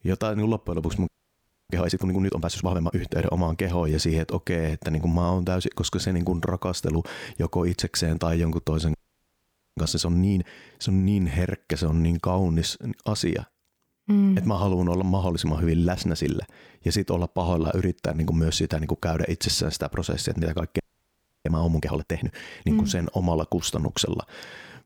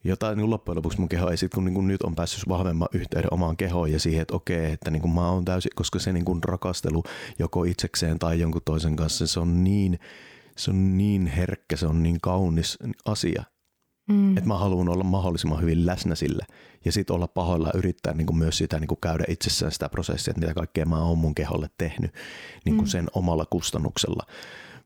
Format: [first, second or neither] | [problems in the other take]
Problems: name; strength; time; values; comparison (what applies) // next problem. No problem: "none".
second | audio freezing; at 1 s for 0.5 s, at 9 s for 1 s and at 21 s for 0.5 s